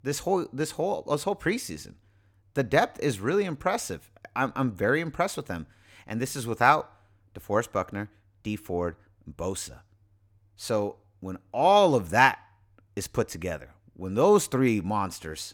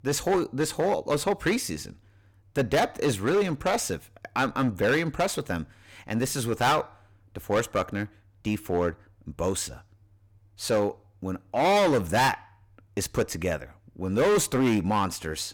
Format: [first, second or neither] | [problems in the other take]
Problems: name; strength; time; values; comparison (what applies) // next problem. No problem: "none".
first | distortion; heavy; 8% of the sound clipped